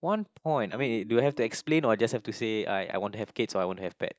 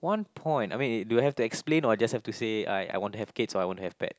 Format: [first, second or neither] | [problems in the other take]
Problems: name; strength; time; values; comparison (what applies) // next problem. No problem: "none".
second | noise reduction (neural mask model DeepFilterNet 3)